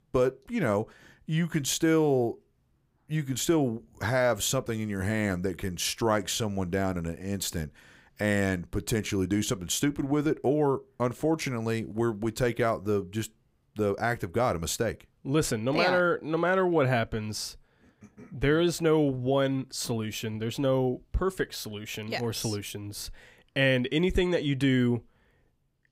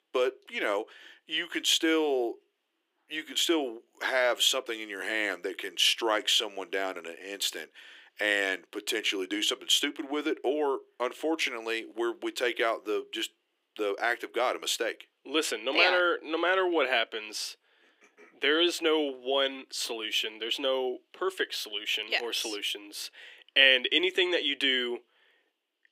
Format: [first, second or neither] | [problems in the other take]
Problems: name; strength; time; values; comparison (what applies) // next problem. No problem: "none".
first | thin; very; fading below 350 Hz